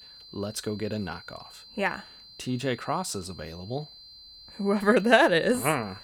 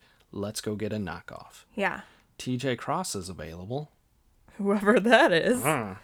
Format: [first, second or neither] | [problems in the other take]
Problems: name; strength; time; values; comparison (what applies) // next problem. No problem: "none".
second | high-pitched whine; noticeable; throughout; 4 kHz, 20 dB below the speech